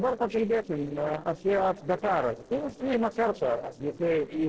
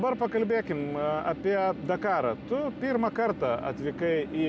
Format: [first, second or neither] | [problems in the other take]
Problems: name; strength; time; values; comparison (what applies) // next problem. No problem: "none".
second | noise reduction (neural separator model SepFormer DNS4)